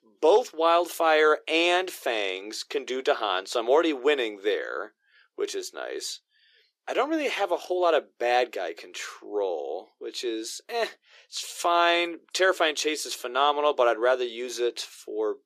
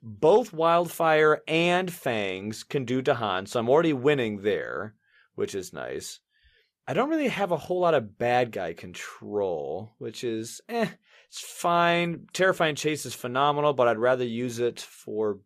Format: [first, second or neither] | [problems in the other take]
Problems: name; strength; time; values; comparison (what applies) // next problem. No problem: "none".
second | thin; somewhat; fading below 350 Hz